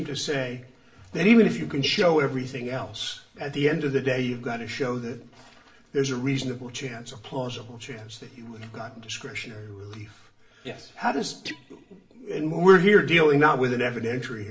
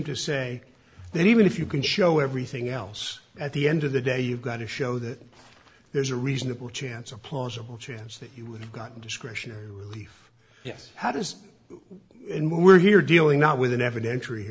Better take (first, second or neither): second